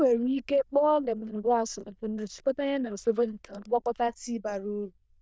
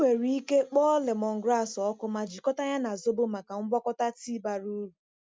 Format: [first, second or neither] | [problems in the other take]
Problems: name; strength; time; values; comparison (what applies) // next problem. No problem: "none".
second | noise reduction (neural diffusion model UNIVERSE++)